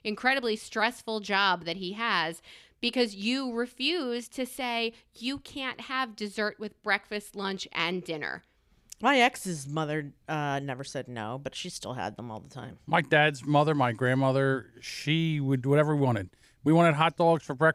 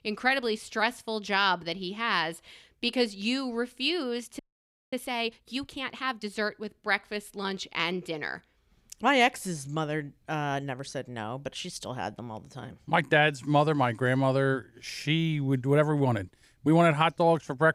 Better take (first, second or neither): first